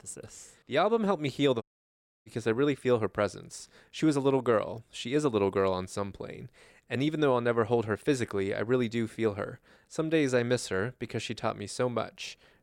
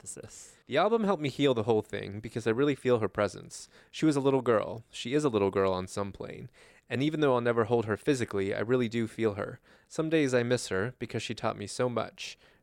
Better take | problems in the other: second | audio cutting out; at 1.5 s for 0.5 s

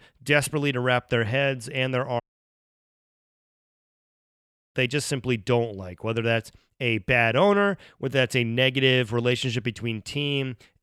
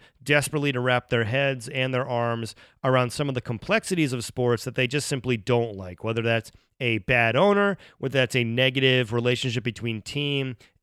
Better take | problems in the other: second | audio cutting out; at 2 s for 2.5 s

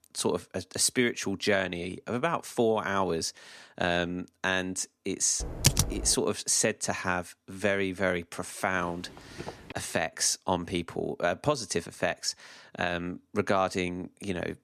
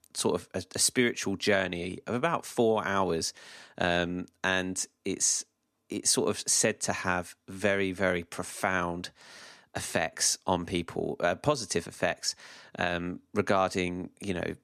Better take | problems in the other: second | keyboard typing; loud; at 5.5 s; peak 5 dB above the speech // footsteps; faint; at 8.5 s; peak 15 dB below the speech

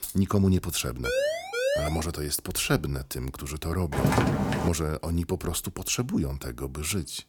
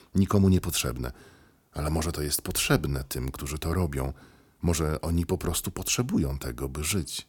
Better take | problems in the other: second | jangling keys; noticeable; at the start; peak 8 dB below the speech // siren; loud; at 1 s; peak 2 dB above the speech // footsteps; loud; at 4 s; peak 5 dB above the speech

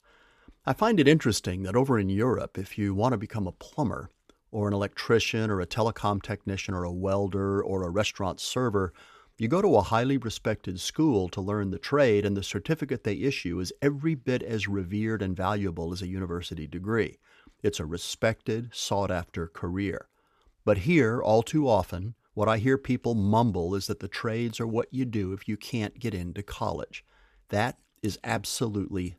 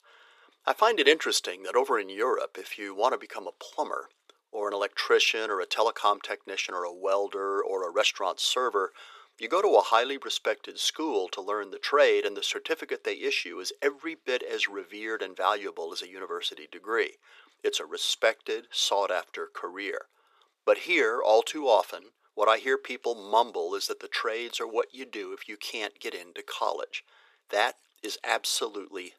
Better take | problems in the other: first | thin; very; fading below 400 Hz

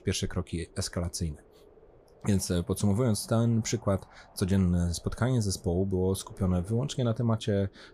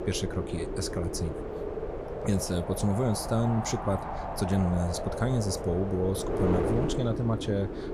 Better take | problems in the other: first | wind noise on the microphone; heavy; as loud as the speech; occasional gusts in the first

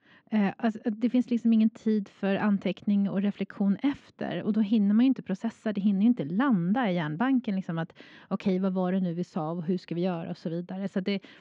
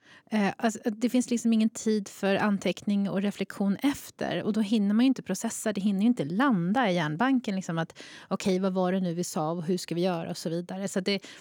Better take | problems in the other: second | muffled; slightly; fading above 3.5 kHz

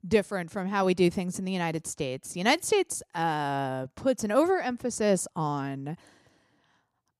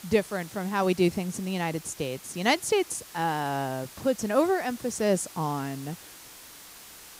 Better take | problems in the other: first | hiss; noticeable; throughout; 15 dB below the speech

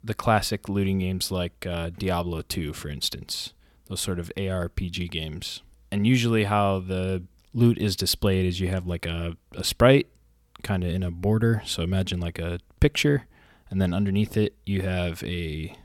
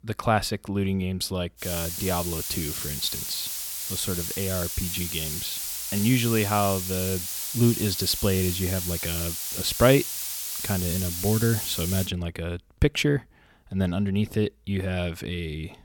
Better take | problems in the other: first | hiss; loud; from 1.5 to 12 s; 2 dB below the speech

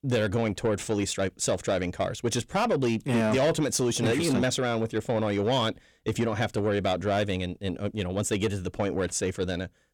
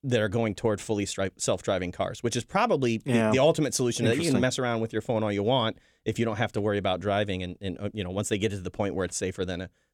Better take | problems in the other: second | distortion; slight; 10 dB below the speech

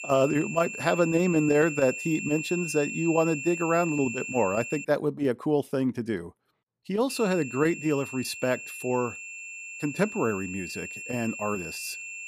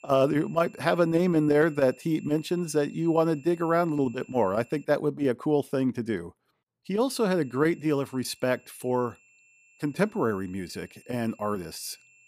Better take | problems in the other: second | high-pitched whine; loud; until 5 s and from 7 s on; 2.5 kHz, 8 dB below the speech; faint in the second

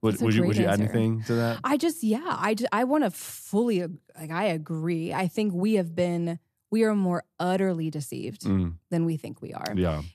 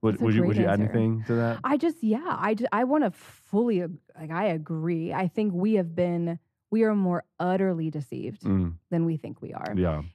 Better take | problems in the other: first | muffled; slightly; fading above 3.5 kHz

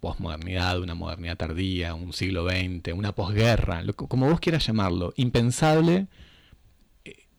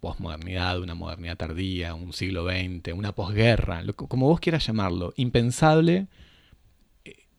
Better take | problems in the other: second | distortion; slight; 4% of the sound clipped

